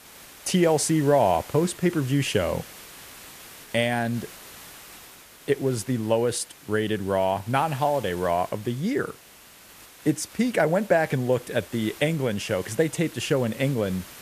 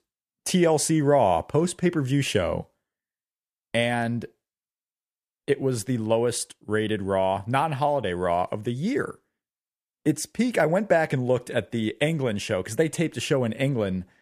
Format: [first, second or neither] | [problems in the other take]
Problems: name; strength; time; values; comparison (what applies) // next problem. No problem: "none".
second | hiss; noticeable; throughout; 20 dB below the speech